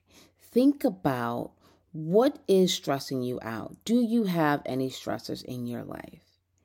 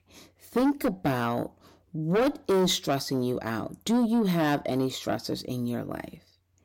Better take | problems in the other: first | distortion; heavy; 8 dB below the speech

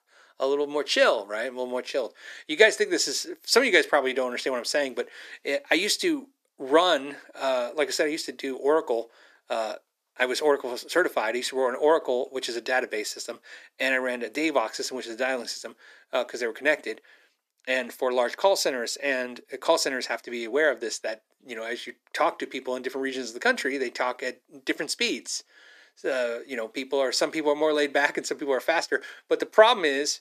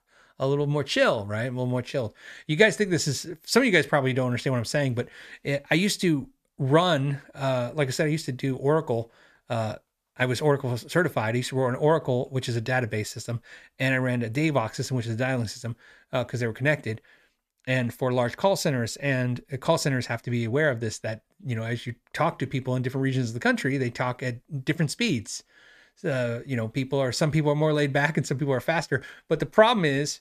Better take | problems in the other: second | thin; somewhat; fading below 300 Hz

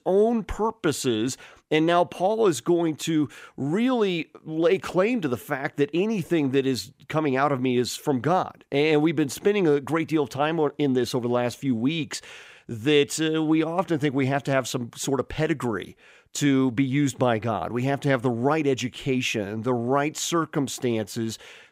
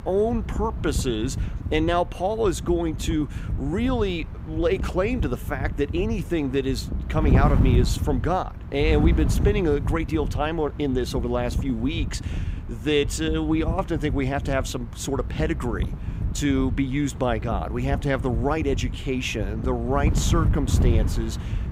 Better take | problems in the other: first | wind noise on the microphone; occasional gusts; 10 dB below the speech

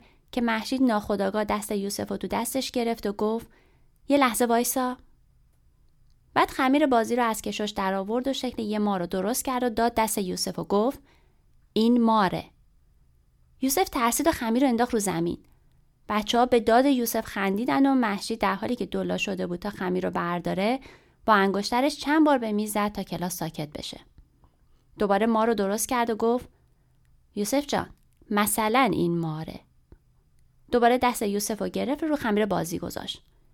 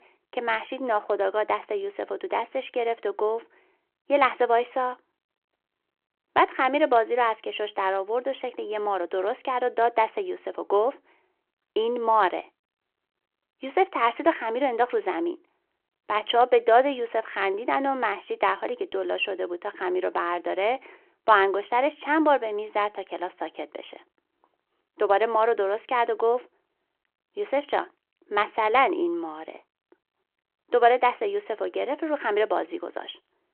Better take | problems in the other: first | phone-call audio

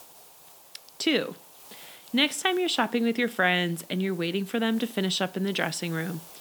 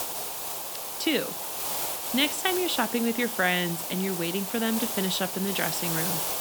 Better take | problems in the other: first | hiss; loud; throughout; 2 dB below the speech; faint in the first

